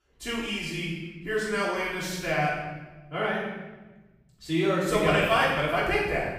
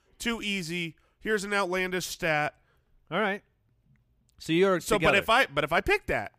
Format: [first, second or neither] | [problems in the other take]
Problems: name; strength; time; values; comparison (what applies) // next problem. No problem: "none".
second | off-mic speech; far // room echo; strong; dies away in 1.2 s